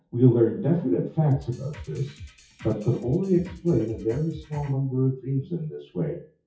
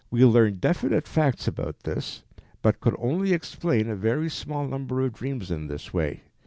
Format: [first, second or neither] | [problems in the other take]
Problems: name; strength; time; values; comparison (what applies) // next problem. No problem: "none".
second | noise reduction (classical method WPE with log-MMSE)